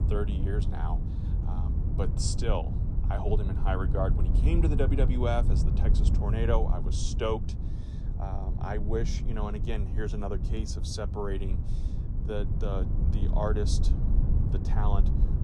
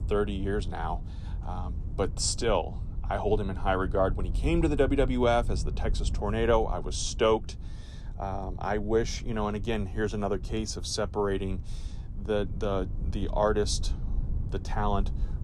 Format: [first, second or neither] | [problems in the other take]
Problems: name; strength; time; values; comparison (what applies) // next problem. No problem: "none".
second | low rumble; loud; throughout; 8 dB below the speech; faint in the second